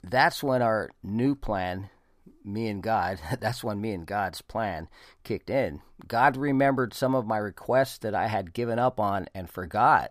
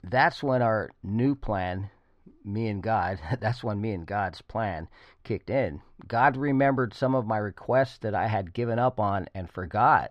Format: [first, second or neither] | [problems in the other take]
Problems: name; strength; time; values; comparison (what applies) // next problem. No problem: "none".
first | muffled; very slightly; fading above 3.5 kHz